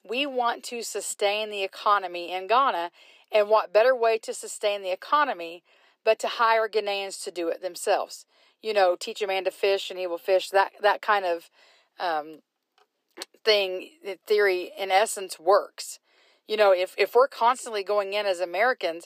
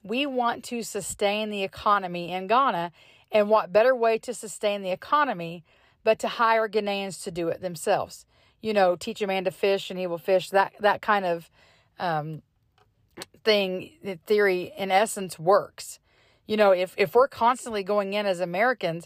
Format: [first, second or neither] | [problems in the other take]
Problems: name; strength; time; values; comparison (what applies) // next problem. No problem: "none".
second | thin; somewhat; fading below 300 Hz